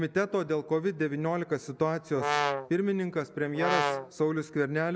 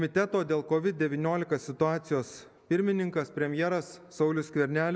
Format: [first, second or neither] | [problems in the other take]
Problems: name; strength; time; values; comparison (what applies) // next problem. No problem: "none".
second | background sound (Brass instrument); 1 dB below the speech